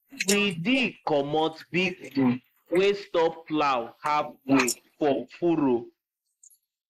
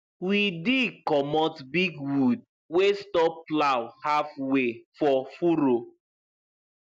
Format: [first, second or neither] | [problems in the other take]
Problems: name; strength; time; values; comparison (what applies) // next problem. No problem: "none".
second | noise reduction (neural mask model Resemble Enhance denoiser)